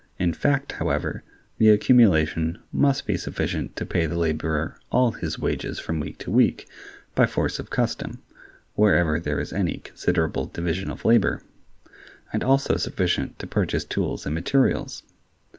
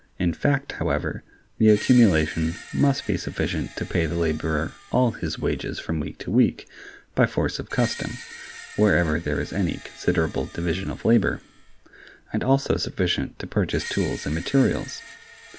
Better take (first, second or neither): first